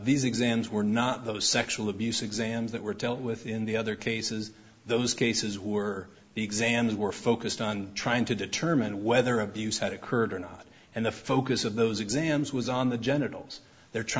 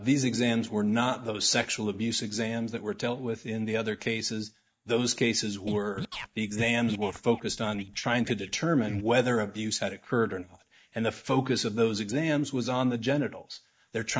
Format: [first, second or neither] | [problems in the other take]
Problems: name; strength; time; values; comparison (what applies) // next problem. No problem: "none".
first | noise reduction (neural mask model DeepFilterNet 3)